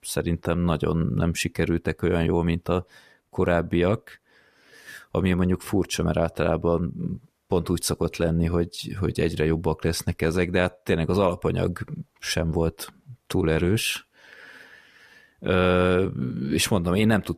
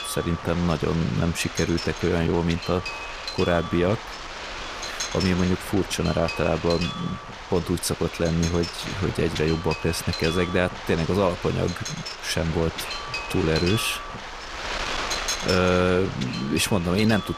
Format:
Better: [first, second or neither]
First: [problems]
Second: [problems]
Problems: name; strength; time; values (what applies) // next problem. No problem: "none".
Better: first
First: none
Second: wind noise on the microphone; heavy; 4 dB below the speech